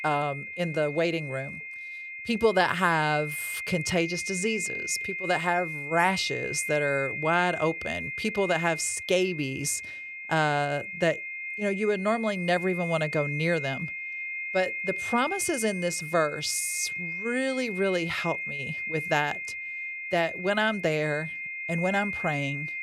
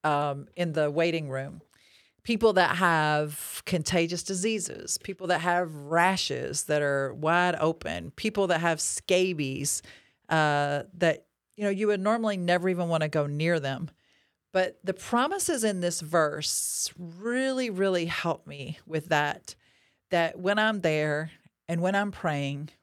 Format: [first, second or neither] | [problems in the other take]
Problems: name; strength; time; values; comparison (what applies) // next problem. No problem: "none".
second | high-pitched whine; loud; throughout; 2 kHz, 5 dB below the speech